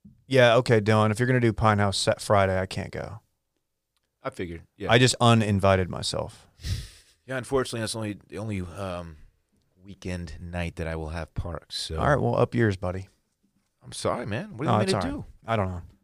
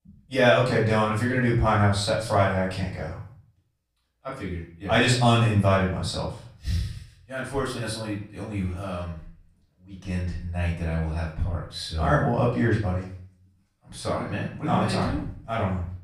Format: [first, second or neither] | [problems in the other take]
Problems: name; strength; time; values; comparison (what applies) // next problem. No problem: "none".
first | off-mic speech; far // room echo; noticeable; dies away in 0.5 s